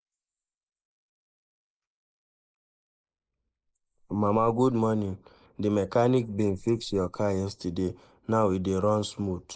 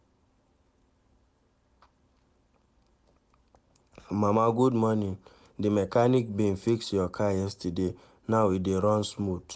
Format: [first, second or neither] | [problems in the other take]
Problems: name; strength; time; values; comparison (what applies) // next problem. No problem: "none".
second | noise reduction (neural mask model Resemble Enhance denoiser)